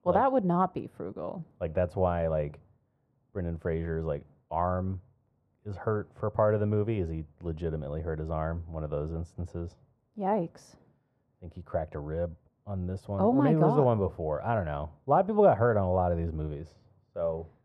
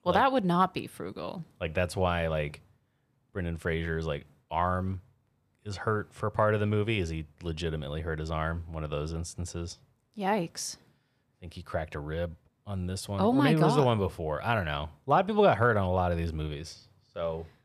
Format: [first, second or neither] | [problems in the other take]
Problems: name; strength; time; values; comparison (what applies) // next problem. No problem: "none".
second | muffled; very; fading above 2 kHz